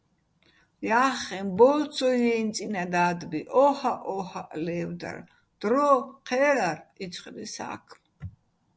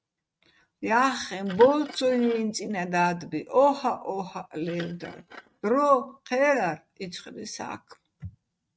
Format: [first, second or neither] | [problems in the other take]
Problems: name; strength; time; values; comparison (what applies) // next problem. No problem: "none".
first | noise reduction (neural mask model RNNoise)